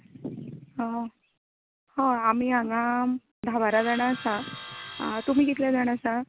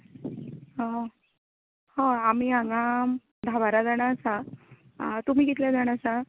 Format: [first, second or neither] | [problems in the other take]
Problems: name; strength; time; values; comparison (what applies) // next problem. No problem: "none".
second | background sound (Sawing); 15 dB below the speech